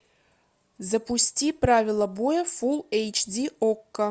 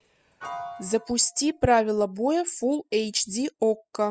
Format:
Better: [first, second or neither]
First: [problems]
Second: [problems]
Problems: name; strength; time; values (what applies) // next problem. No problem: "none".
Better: first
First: none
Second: noise reduction (classical method spectral subtraction)